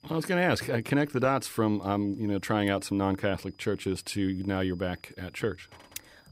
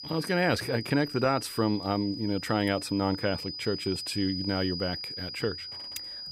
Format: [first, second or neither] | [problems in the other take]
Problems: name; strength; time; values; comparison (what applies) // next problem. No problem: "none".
first | high-pitched whine; loud; throughout; 5 kHz, 7 dB below the speech; faint in the first